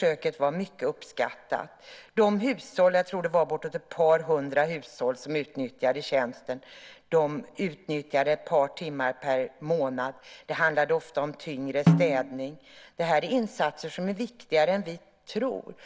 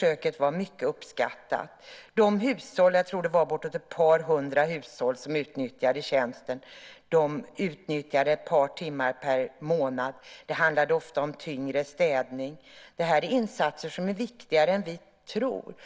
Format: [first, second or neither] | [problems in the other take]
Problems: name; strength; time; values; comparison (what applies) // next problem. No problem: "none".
second | background sound (Snare drum); as loud as the speech